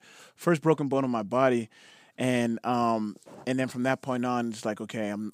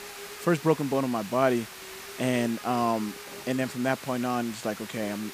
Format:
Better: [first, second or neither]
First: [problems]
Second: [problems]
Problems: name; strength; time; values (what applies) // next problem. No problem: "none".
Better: first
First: none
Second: hiss; noticeable; throughout; 10 dB below the speech